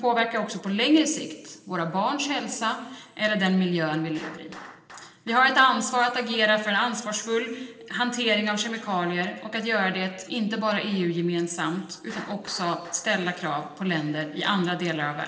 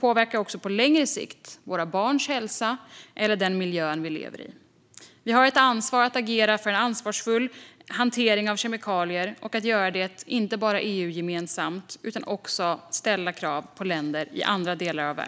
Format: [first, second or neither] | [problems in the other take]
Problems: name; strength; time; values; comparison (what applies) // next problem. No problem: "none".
second | noise reduction (neural separator model SepFormer DNS4)